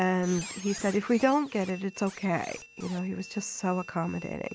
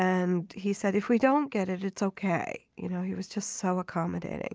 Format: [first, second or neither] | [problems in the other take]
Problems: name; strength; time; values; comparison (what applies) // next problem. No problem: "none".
second | background sound (Squeak); 16 dB below the speech